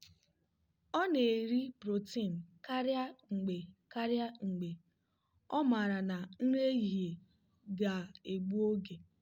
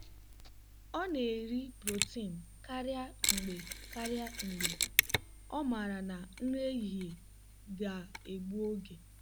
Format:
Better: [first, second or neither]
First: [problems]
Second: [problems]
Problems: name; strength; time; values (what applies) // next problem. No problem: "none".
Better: first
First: none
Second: background sound (Mechanisms); 1 dB below the speech